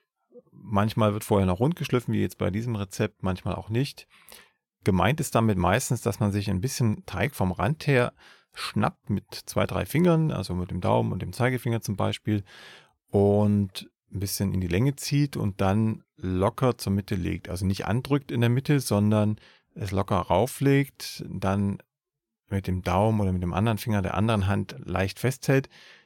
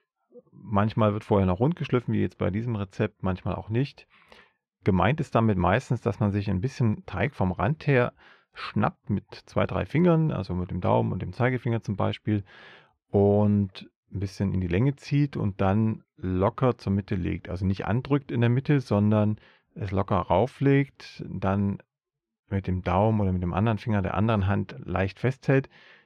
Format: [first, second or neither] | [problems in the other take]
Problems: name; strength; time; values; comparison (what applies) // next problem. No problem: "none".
first | muffled; slightly; fading above 2.5 kHz